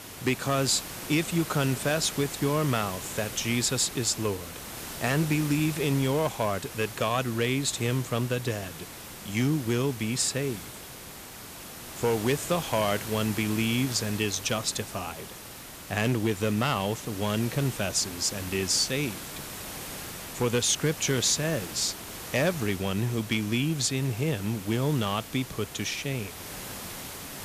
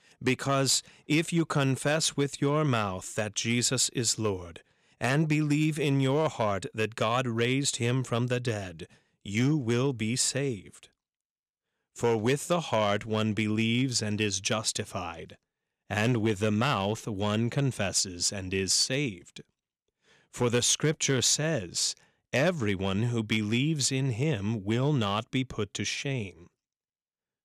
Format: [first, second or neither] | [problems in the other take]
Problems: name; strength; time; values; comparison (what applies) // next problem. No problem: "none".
second | hiss; noticeable; throughout; 10 dB below the speech